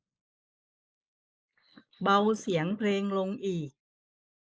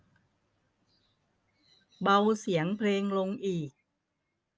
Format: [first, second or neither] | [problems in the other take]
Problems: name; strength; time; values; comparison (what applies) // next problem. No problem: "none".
second | noise reduction (neural mask model Resemble Enhance denoiser)